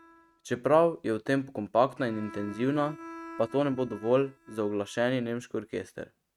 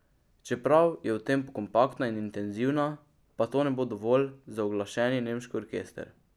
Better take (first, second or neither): second